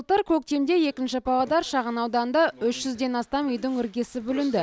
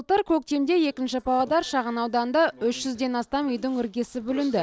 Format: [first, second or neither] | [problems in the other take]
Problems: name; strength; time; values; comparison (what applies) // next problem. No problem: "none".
first | noise reduction (neural separator model SepFormer DNS4)